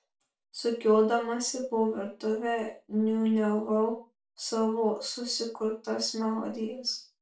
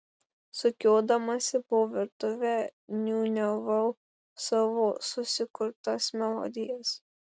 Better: second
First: room echo; dies away in 0.3 s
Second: none

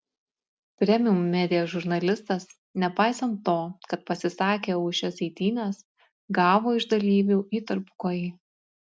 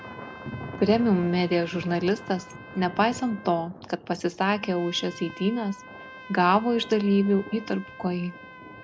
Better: first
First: none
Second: background sound (Trumpet + Thunder); 15 dB below the speech

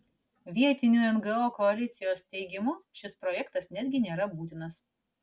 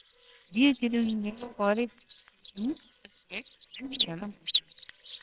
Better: first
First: none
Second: noise reduction (neural separator model SepFormer WHAMR!)

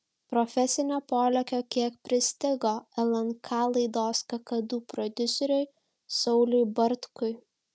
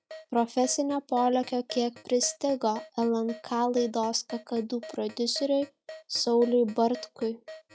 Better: first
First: none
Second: noise reduction (classical method log-MMSE)

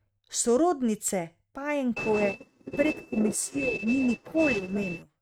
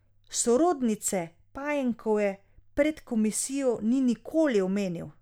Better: second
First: noise reduction (neural mask model RNNoise)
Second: none

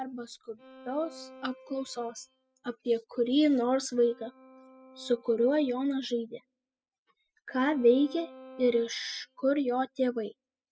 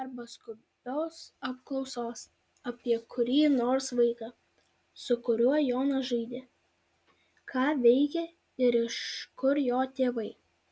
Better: second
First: noise reduction (classical method spectral subtraction)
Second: none

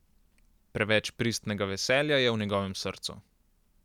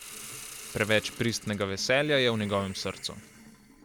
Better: first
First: none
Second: background sound (Hiss); 16 dB below the speech

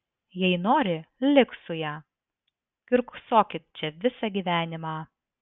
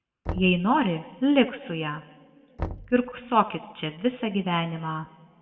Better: first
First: none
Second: background sound (Knock); 14 dB below the speech // room echo; dies away in 1.2 s

